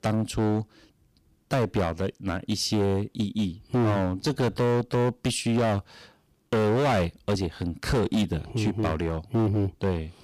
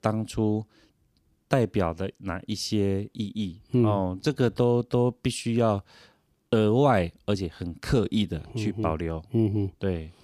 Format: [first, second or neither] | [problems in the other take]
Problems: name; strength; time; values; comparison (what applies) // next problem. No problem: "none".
second | distortion; heavy; 15% of the sound clipped